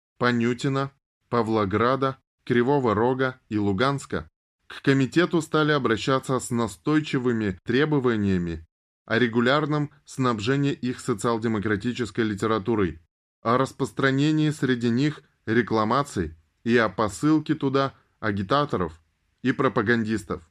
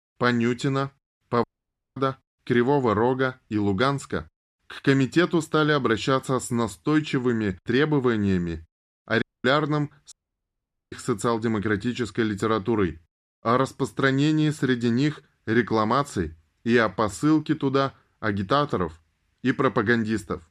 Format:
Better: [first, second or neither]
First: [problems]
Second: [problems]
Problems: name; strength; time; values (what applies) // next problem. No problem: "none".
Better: first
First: none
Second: audio cutting out; at 1.5 s for 0.5 s, at 9 s and at 10 s for 1 s